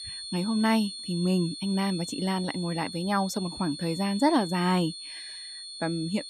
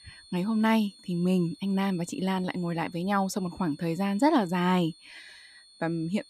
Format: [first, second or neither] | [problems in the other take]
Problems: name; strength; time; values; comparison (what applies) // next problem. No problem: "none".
second | high-pitched whine; loud; throughout; 4.5 kHz, 9 dB below the speech; faint in the second